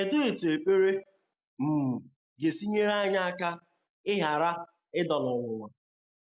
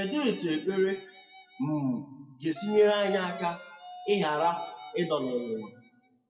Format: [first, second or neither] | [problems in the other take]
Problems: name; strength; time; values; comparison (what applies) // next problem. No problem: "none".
first | noise reduction (classical method WPE with log-MMSE)